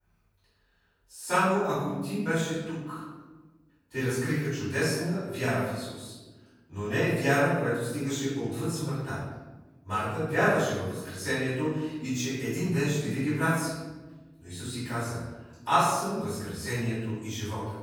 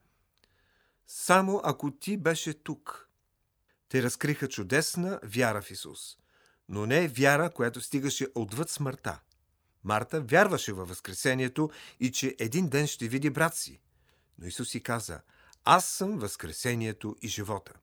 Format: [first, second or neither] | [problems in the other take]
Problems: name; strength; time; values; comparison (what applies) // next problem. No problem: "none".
second | off-mic speech; far // room echo; strong; dies away in 1.2 s